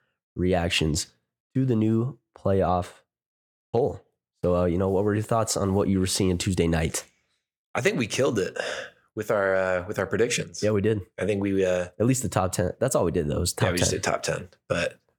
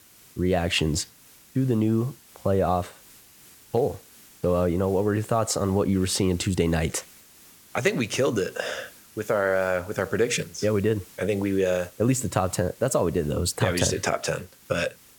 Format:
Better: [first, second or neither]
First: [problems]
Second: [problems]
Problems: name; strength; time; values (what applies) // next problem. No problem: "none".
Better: first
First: none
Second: hiss; faint; throughout; 25 dB below the speech